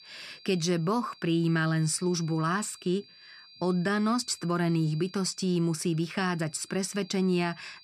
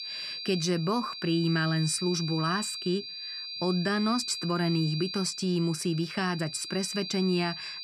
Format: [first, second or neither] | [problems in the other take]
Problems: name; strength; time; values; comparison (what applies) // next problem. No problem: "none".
first | high-pitched whine; loud; throughout; 4.5 kHz, 7 dB below the speech; faint in the first